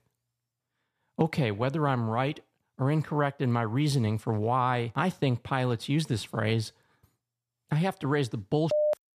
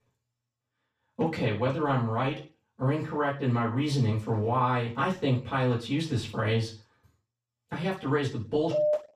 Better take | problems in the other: first | room echo; slight; dies away in 0.3 s // off-mic speech; far

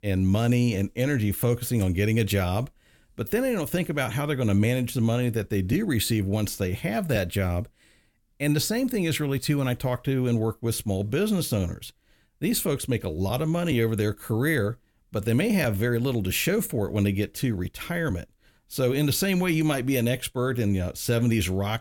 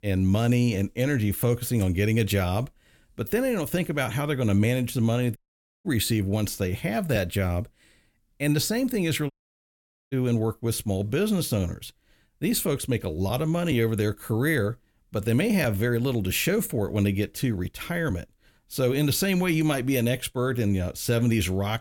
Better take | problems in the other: first | audio cutting out; at 5.5 s and at 9.5 s for 1 s

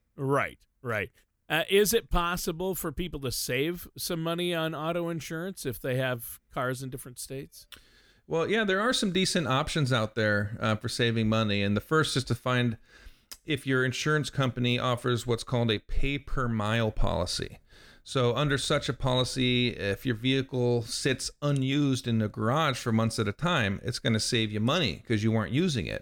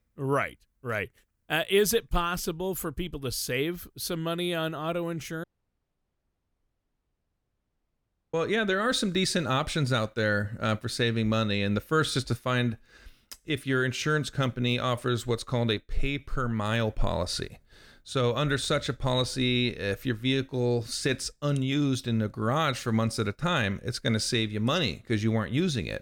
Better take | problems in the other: first | audio cutting out; at 5.5 s for 3 s

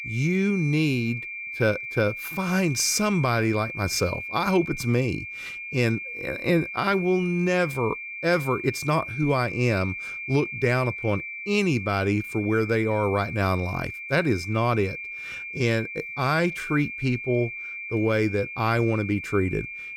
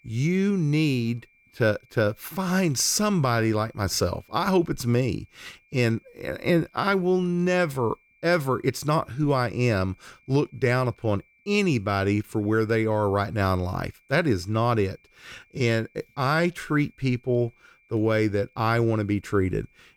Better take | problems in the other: second | high-pitched whine; loud; throughout; 2.5 kHz, 8 dB below the speech; faint in the second

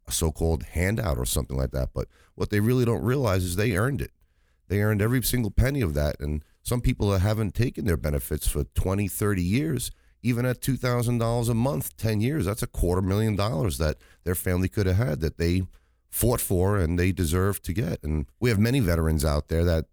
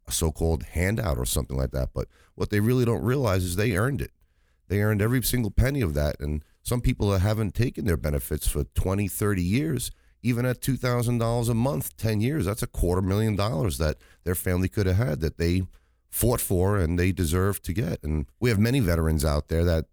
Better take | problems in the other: neither | none

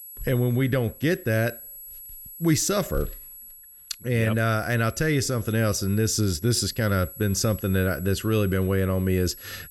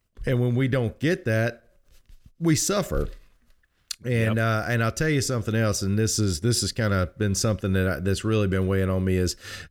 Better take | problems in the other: second | high-pitched whine; noticeable; throughout; 11.5 kHz, 15 dB below the speech

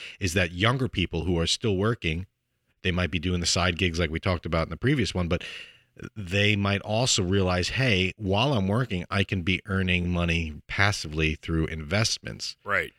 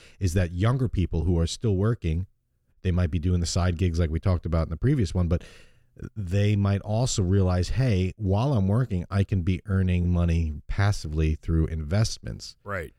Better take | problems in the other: second | thin; somewhat; fading below 400 Hz

